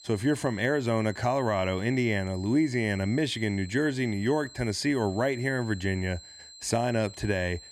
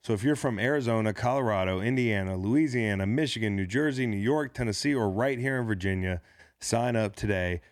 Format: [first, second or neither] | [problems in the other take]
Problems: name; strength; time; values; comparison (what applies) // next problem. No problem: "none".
second | high-pitched whine; noticeable; throughout; 4 kHz, 20 dB below the speech